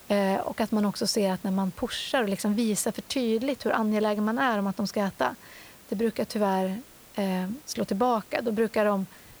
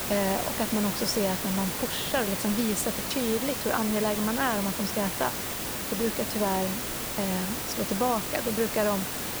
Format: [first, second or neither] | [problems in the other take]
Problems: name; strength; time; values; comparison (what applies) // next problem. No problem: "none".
first | hiss; loud; throughout; 1 dB below the speech; faint in the first